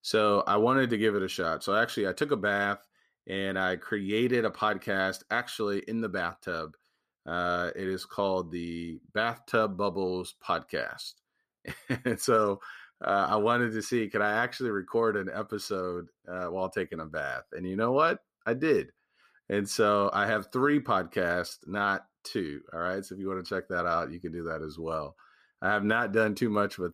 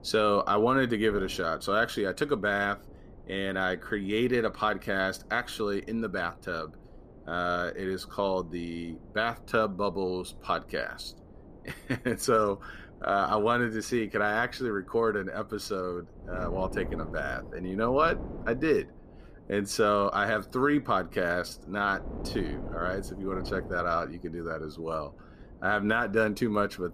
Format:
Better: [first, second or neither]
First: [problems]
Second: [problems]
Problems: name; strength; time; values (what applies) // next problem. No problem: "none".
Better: first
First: none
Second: wind noise on the microphone; occasional gusts; 20 dB below the speech